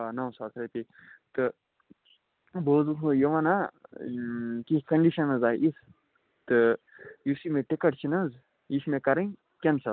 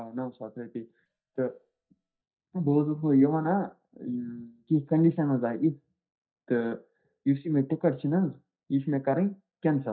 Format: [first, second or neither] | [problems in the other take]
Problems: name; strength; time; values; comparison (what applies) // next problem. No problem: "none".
first | noise reduction (neural mask model DeepFilterNet 3)